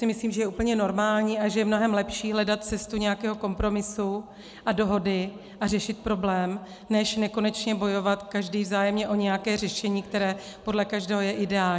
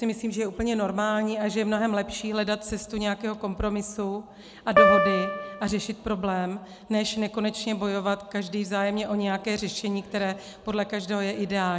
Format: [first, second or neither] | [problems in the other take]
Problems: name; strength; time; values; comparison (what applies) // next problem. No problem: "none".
first | background sound (Piano); 4 dB above the speech